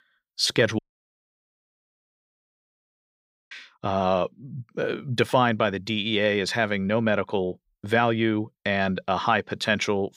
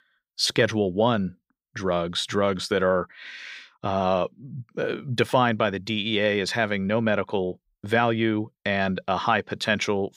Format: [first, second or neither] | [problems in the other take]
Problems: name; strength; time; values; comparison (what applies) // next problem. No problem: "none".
second | audio cutting out; at 1 s for 2.5 s